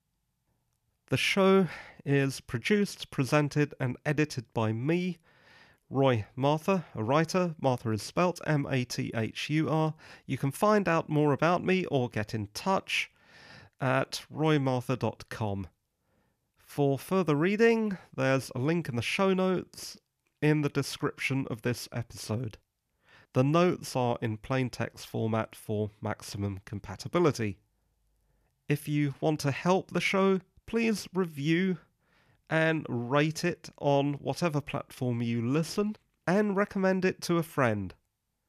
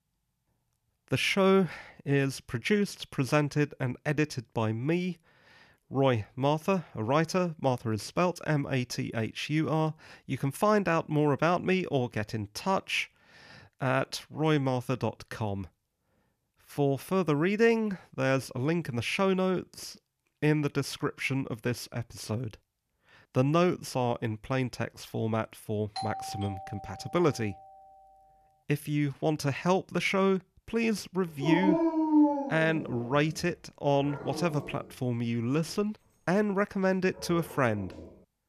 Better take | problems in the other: first | doorbell; noticeable; from 26 to 28 s; peak 7 dB below the speech // dog barking; loud; from 31 to 37 s; peak 6 dB above the speech

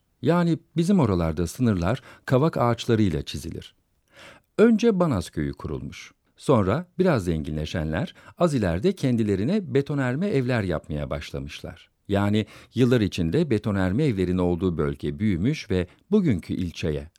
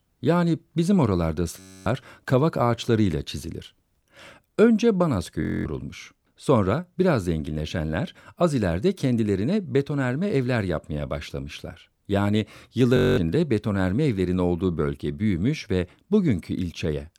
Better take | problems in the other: first | audio freezing; at 1.5 s, at 5.5 s and at 13 s

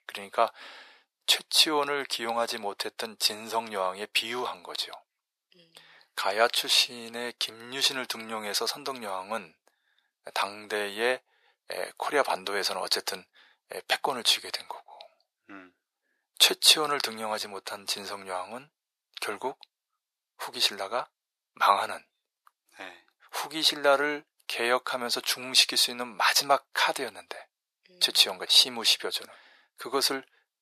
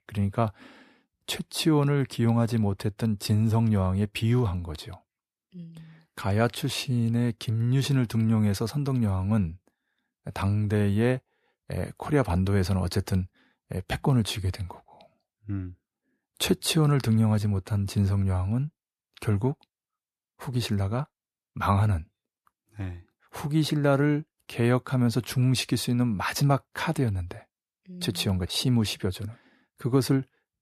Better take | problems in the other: second | thin; very; fading below 550 Hz

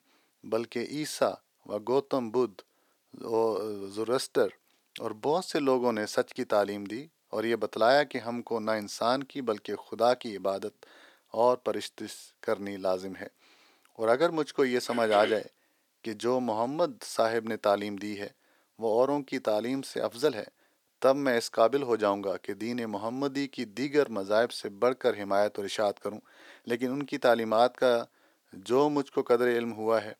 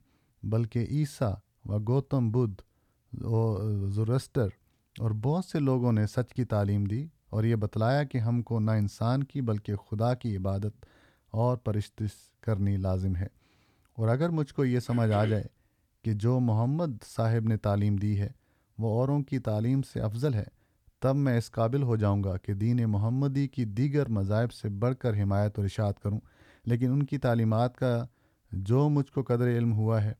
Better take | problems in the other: second | thin; very; fading below 350 Hz

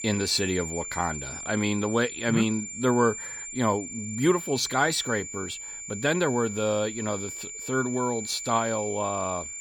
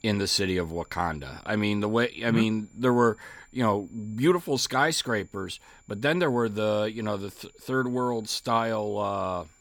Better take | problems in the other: second | high-pitched whine; loud; throughout; 7 kHz, 8 dB below the speech; faint in the second

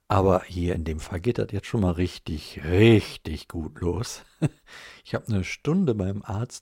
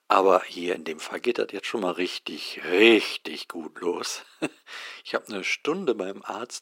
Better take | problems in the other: first | thin; somewhat; fading below 300 Hz

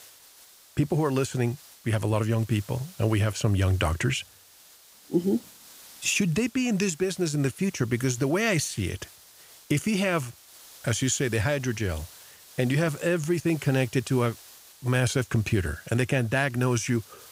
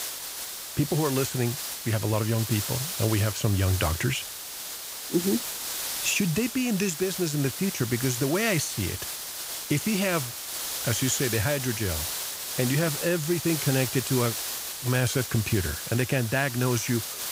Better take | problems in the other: first | hiss; loud; throughout; 4 dB below the speech; faint in the first

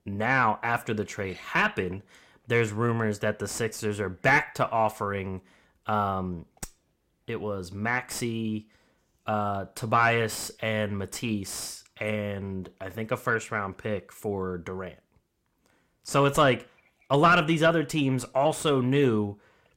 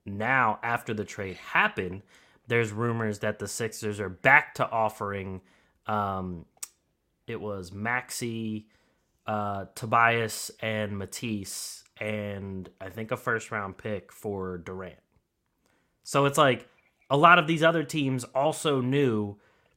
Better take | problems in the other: second | distortion; slight; 10 dB below the speech

